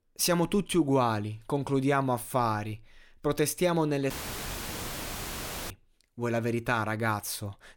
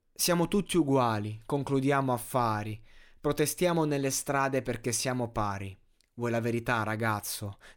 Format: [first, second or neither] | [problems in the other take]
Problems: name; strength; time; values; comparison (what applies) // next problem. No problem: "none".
second | audio cutting out; filled with static; at 4 s for 1.5 s